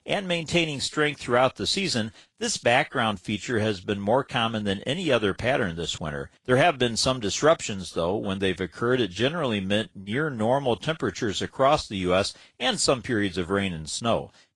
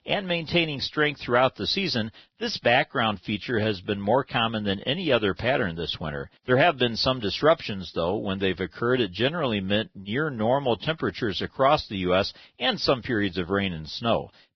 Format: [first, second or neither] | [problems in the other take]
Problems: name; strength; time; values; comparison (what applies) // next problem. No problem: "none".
first | garbled, watery; badly; nothing above 5 kHz; slightly in the first